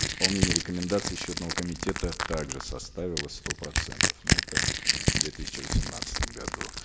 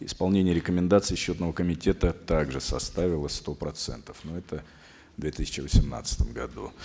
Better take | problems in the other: second | background sound (Crushing); 4 dB above the speech

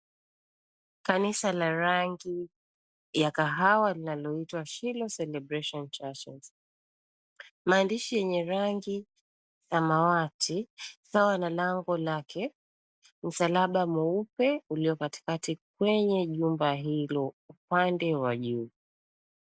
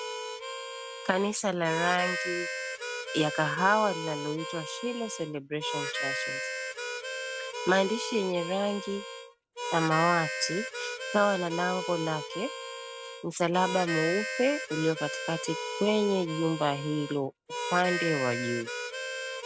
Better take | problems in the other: first | background sound (Harmonica); 5 dB below the speech

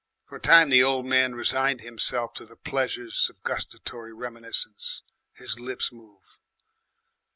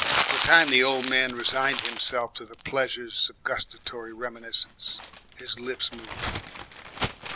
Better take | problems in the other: first | background sound (Crumpling, crinkling); 6 dB below the speech

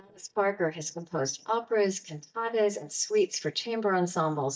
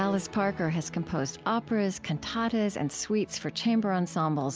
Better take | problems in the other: second | noise reduction (neural mask model DeepFilterNet 3)

